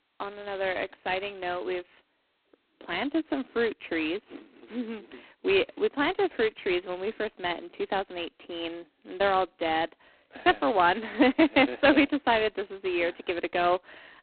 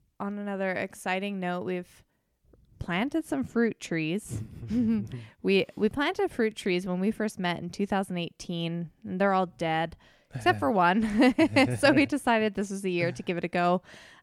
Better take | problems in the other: second | phone-call audio; poor line; nothing above 4 kHz

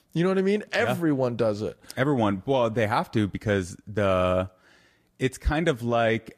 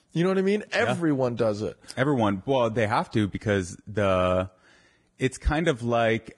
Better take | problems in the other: first | garbled, watery; badly; nothing above 10.5 kHz; slightly in the first

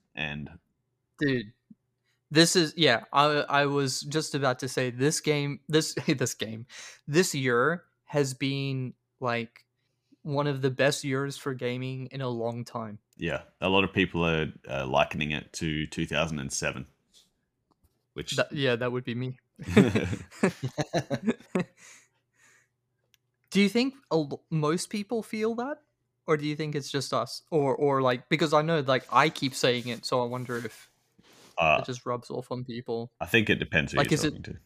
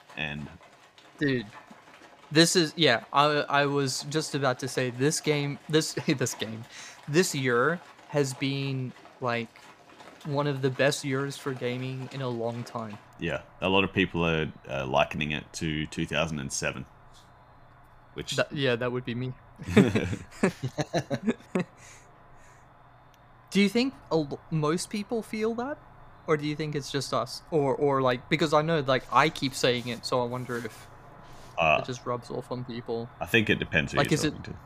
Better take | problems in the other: first | animal sounds; faint; throughout; 25 dB below the speech

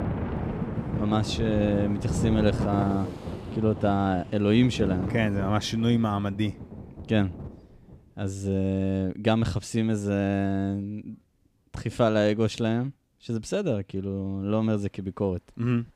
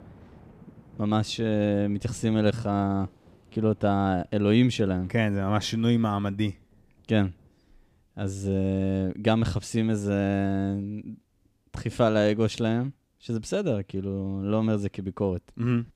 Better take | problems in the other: second | rain or running water; loud; throughout; 7 dB below the speech; faint in the second

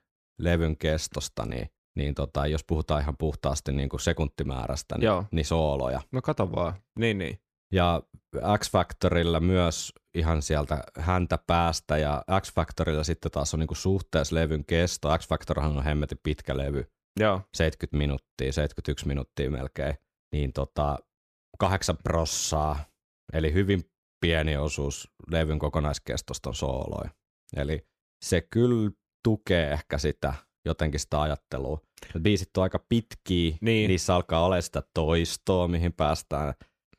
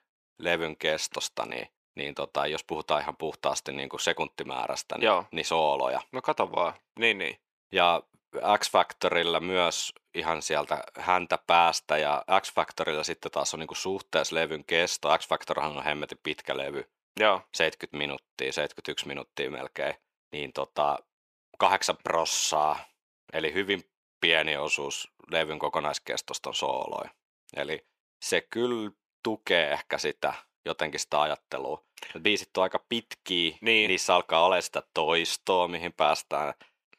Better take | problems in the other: first | thin; very; fading below 400 Hz

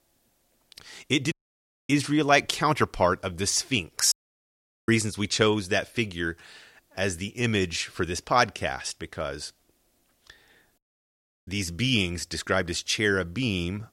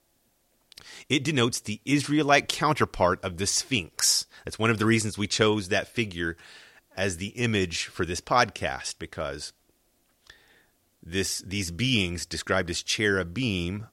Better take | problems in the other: second | audio cutting out; at 1.5 s for 0.5 s, at 4 s for 1 s and at 11 s for 0.5 s

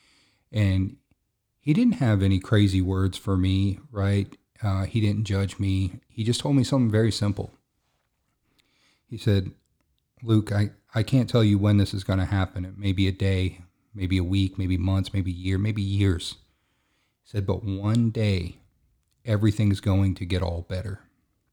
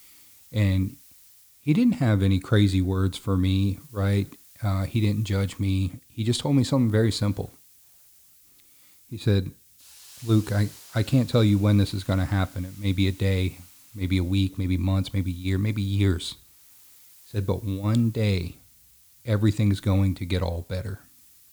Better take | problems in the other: first | hiss; faint; throughout; 25 dB below the speech

